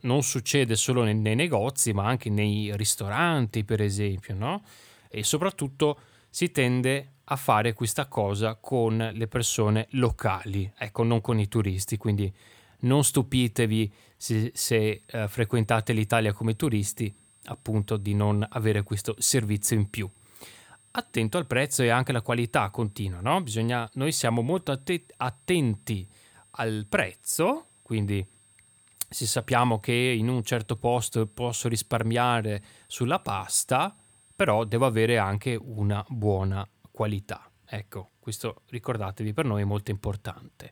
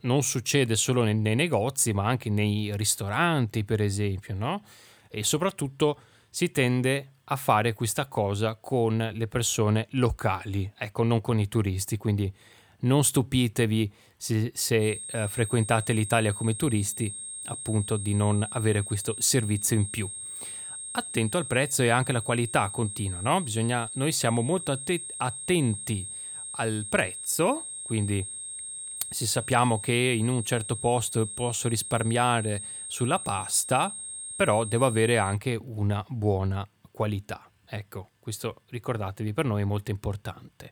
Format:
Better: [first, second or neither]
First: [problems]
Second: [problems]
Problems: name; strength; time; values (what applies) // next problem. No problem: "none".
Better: first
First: high-pitched whine; faint; from 15 to 35 s; 8.5 kHz, 30 dB below the speech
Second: high-pitched whine; loud; from 15 to 35 s; 8.5 kHz, 8 dB below the speech